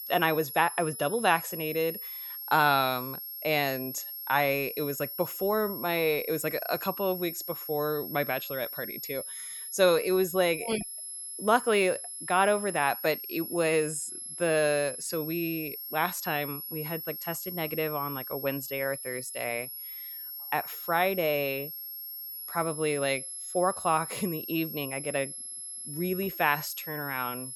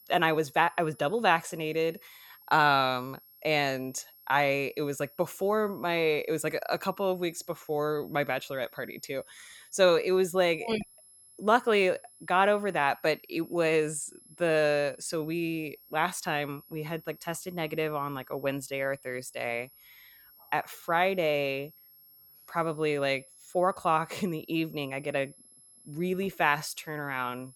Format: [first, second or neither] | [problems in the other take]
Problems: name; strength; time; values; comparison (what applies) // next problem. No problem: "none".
second | high-pitched whine; loud; throughout; 11.5 kHz, 7 dB below the speech; faint in the second